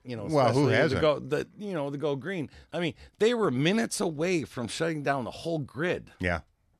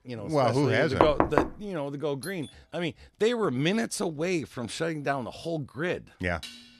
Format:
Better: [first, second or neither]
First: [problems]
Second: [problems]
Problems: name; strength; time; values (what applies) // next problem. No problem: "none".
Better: first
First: none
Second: door banging; loud; at 1 s; peak 4 dB above the speech // doorbell; faint; at 2 s; peak 15 dB below the speech // clattering dishes; faint; at 6.5 s; peak 15 dB below the speech